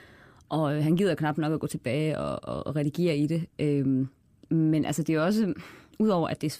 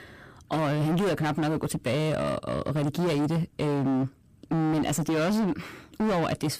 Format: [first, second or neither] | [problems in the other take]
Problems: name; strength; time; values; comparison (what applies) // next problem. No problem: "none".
first | distortion; heavy; 27% of the sound clipped